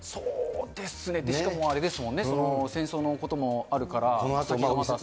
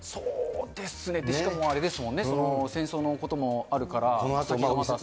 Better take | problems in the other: first | background sound (Telephone); 15 dB below the speech

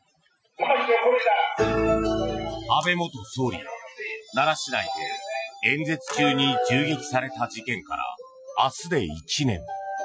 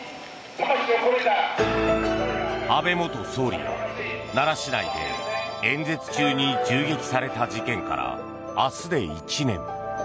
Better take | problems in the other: second | noise reduction (classical method Wiener filter)

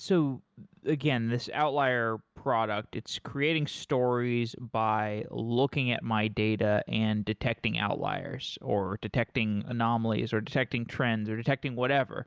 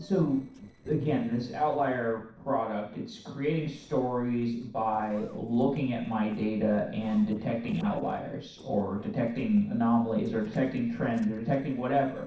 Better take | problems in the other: first | noise reduction (neural separator model SepFormer DNS4)

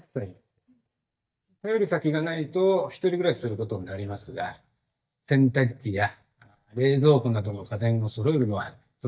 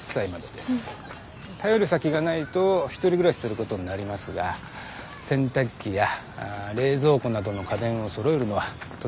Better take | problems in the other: second | noise reduction (neural mask model DeepFilterNet 3)

